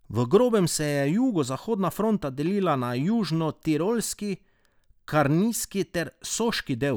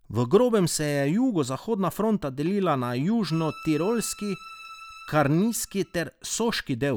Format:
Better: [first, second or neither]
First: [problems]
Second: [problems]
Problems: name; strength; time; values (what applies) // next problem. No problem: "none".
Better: first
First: none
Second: background sound (Bowed string instrument); 19 dB below the speech